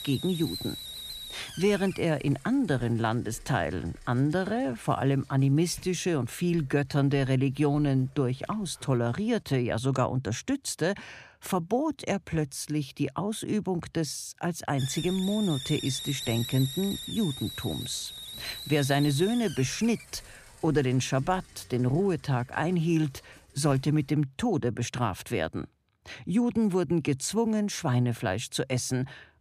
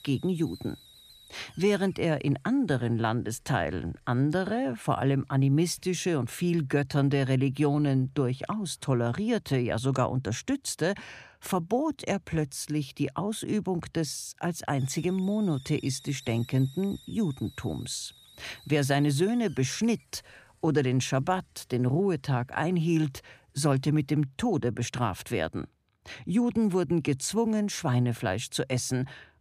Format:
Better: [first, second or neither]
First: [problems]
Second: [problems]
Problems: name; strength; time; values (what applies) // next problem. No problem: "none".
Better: second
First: hiss; loud; until 9.5 s and from 15 to 24 s; 10 dB below the speech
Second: hiss; faint; until 9.5 s and from 15 to 24 s; 25 dB below the speech